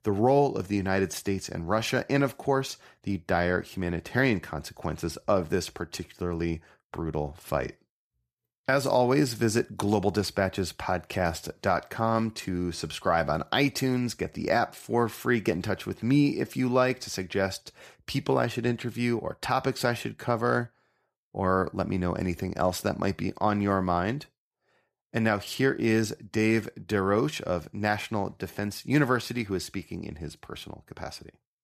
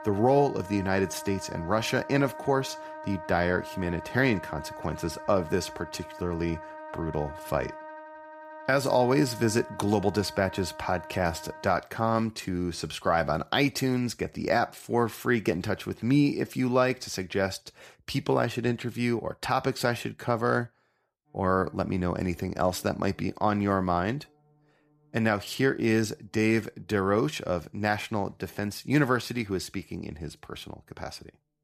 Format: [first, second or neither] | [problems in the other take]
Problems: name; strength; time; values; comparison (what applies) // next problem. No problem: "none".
first | background music; noticeable; throughout; 15 dB below the speech